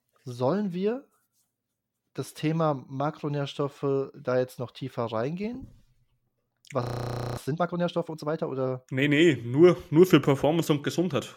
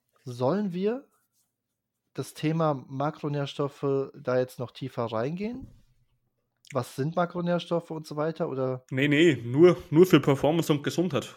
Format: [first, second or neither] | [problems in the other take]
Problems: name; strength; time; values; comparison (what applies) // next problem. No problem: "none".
second | audio freezing; at 7 s for 0.5 s